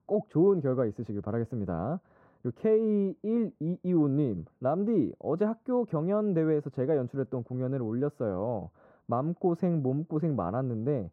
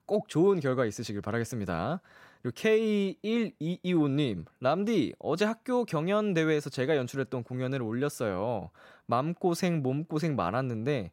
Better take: second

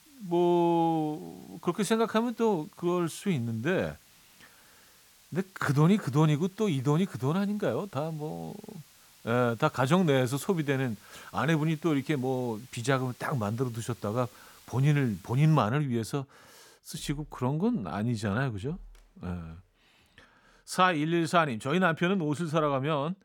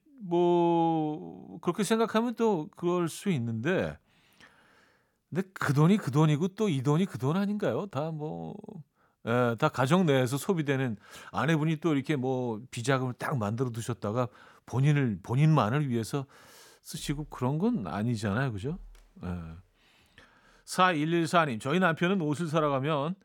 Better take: second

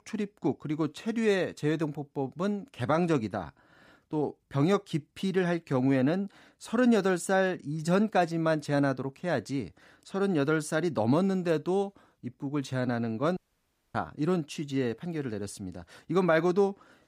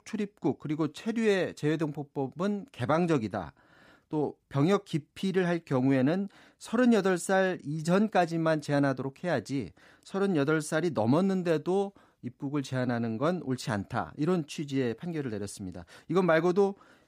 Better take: second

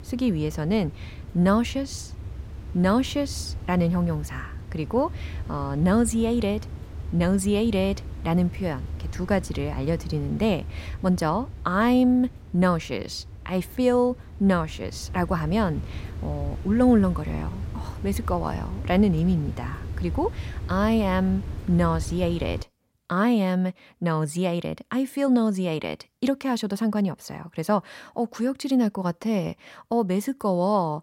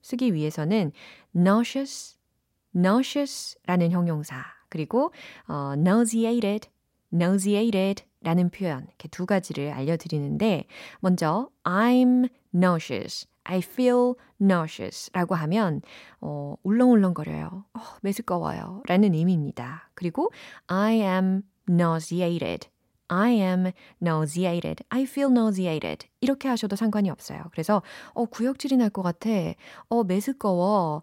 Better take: second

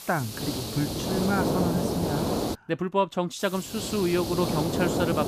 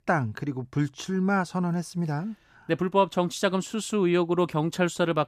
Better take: second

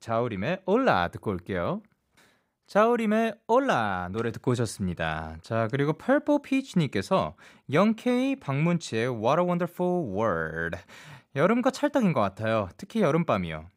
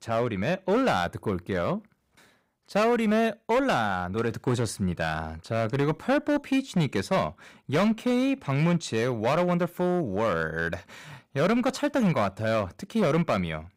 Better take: first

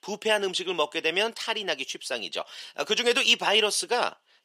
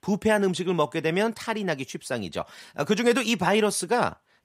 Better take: second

